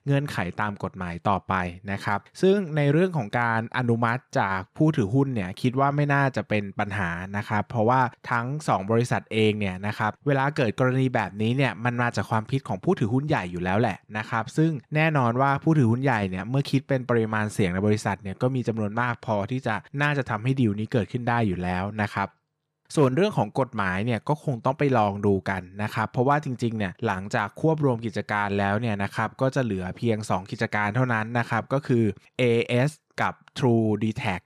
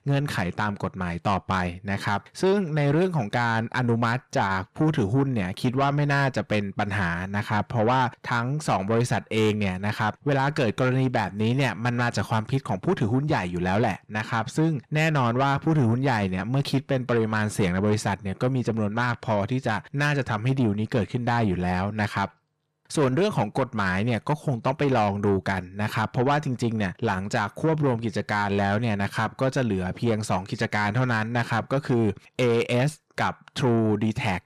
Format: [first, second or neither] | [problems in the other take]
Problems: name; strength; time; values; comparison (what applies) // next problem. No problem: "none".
first | distortion; slight; 10 dB below the speech